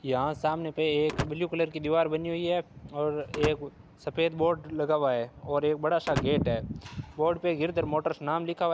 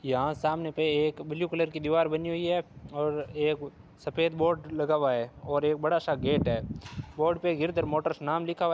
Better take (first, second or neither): second